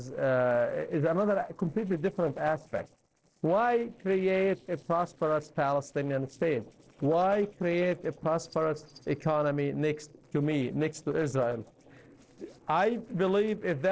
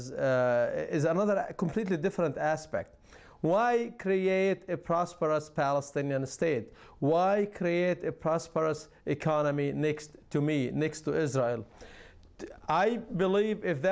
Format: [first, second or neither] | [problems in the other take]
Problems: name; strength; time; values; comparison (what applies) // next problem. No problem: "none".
second | noise reduction (neural separator model SepFormer DNS4)